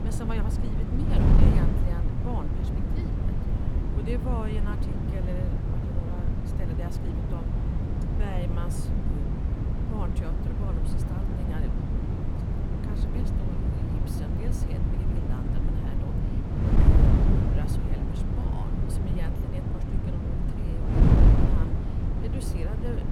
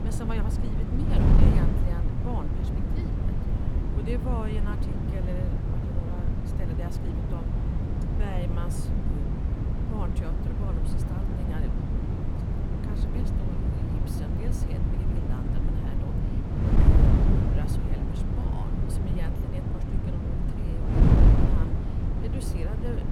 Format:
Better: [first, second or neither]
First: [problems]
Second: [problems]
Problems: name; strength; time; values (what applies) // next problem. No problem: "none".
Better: neither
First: wind noise on the microphone; heavy; 5 dB above the speech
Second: wind noise on the microphone; heavy; 5 dB above the speech